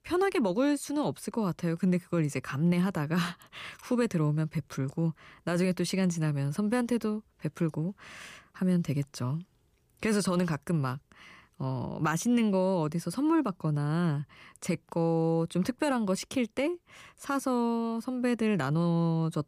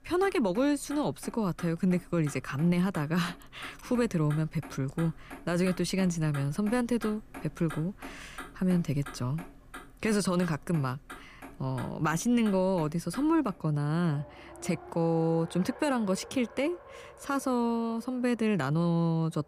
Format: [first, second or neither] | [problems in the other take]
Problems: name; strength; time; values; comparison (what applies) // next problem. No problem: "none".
first | traffic noise; noticeable; throughout; 20 dB below the speech